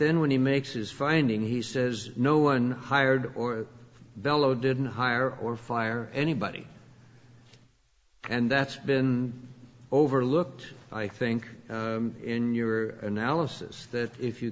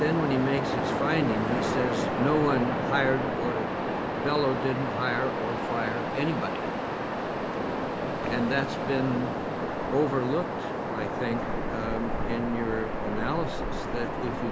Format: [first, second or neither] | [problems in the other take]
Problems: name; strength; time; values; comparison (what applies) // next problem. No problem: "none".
first | background sound (Waves, surf); 1 dB above the speech